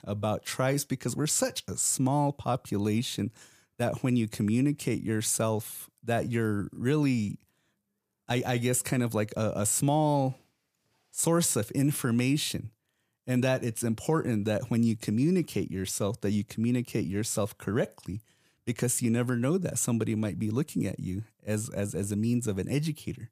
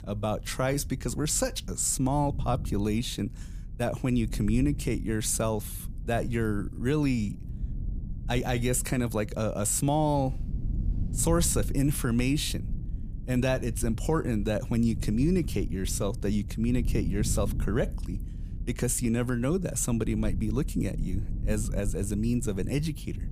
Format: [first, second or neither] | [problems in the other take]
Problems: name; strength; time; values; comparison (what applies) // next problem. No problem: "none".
first | low rumble; noticeable; throughout; 20 dB below the speech